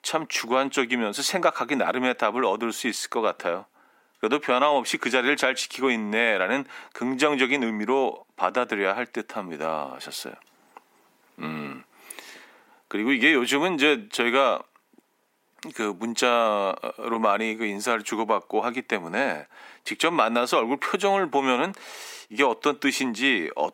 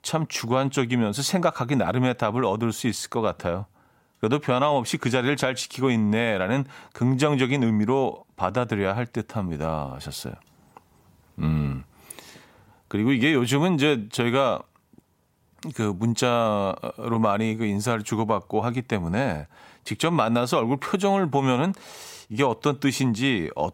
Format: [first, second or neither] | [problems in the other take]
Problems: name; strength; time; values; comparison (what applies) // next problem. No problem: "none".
second | thin; very slightly; fading below 250 Hz